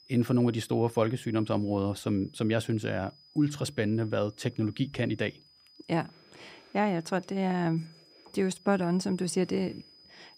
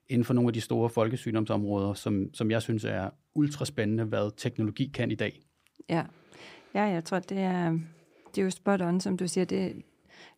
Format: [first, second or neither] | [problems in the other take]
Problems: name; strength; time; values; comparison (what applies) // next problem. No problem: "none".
second | high-pitched whine; faint; throughout; 5 kHz, 25 dB below the speech